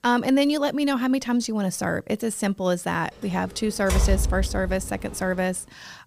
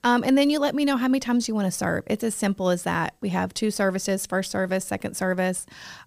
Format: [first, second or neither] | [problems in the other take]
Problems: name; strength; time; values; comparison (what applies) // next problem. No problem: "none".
second | door banging; loud; from 4 to 5 s; peak 1 dB above the speech